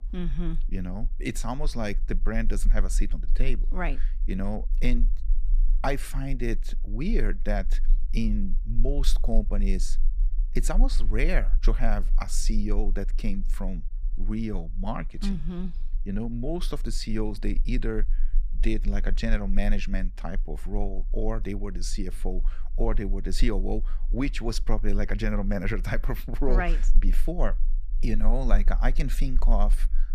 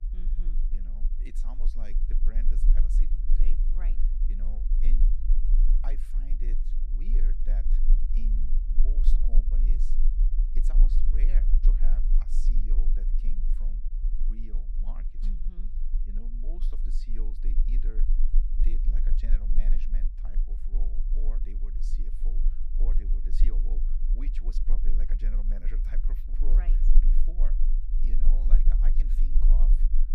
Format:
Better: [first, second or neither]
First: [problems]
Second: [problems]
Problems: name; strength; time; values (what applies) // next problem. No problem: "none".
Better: first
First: low rumble; faint; throughout; 25 dB below the speech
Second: low rumble; loud; throughout; 2 dB below the speech